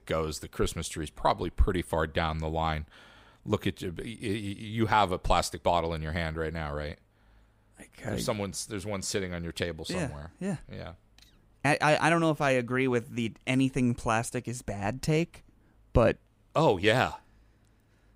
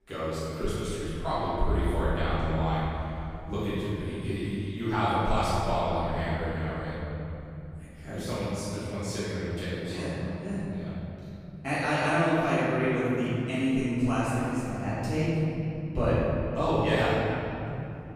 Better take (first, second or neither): first